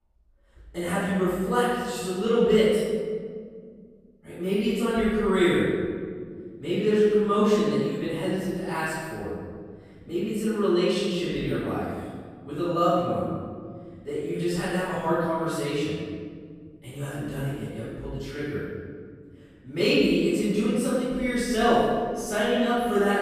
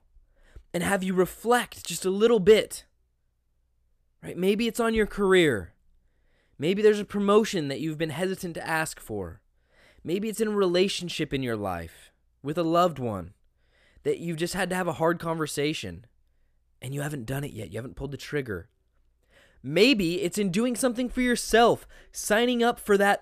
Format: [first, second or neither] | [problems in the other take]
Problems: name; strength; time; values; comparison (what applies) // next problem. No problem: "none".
second | off-mic speech; far // room echo; strong; dies away in 1.8 s